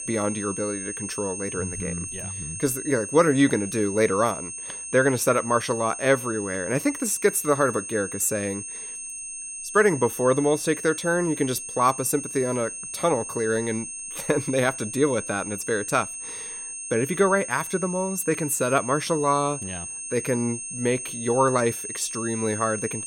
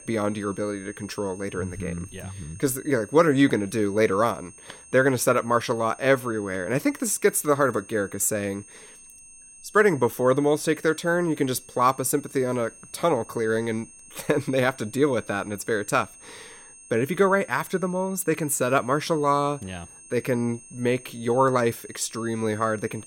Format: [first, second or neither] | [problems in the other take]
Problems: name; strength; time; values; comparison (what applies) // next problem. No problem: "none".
second | high-pitched whine; loud; throughout; 8.5 kHz, 7 dB below the speech; faint in the second